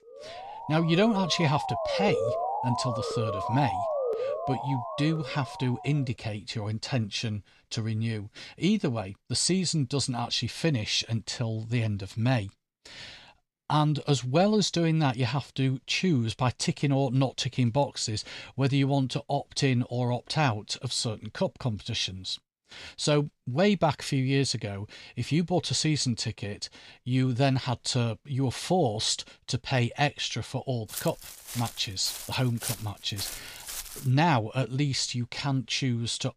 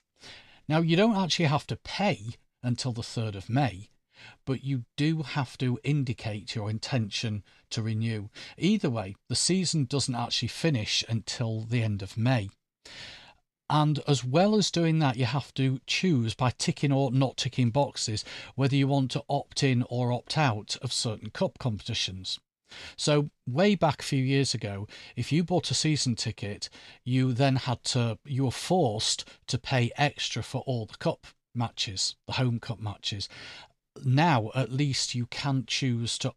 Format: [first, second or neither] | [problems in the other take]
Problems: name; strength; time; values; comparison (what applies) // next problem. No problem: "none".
second | siren; noticeable; until 6 s; peak level with the speech // footsteps; noticeable; from 31 to 34 s; peak 6 dB below the speech